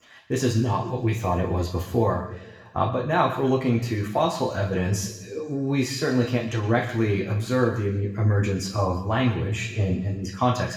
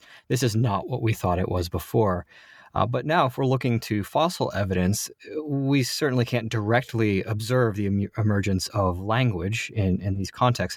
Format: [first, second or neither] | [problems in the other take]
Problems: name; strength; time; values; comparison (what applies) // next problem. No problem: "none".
second | room echo; noticeable; dies away in 0.9 s // off-mic speech; far